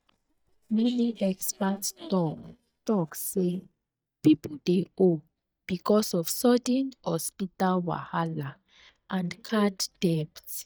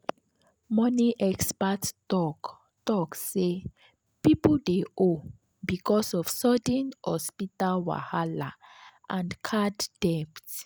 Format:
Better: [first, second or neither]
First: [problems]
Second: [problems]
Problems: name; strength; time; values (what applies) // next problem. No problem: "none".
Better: second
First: noise reduction (neural mask model DeepFilterNet 3)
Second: none